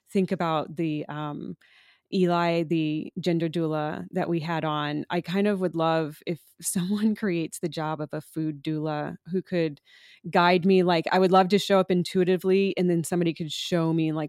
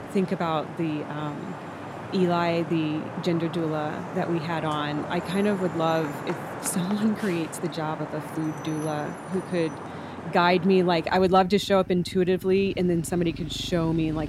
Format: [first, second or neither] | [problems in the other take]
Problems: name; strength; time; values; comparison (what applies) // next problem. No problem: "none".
first | traffic noise; noticeable; throughout; 10 dB below the speech